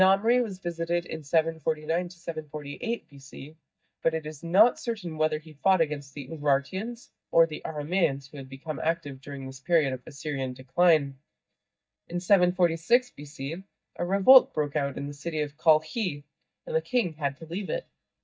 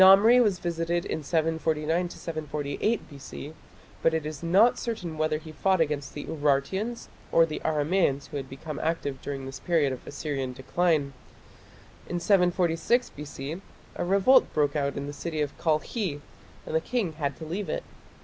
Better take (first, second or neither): second